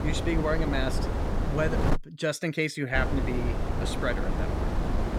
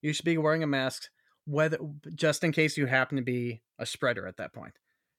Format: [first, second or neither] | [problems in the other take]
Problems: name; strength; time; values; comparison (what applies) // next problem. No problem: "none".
second | wind noise on the microphone; heavy; until 2 s and from 3 s on; 4 dB below the speech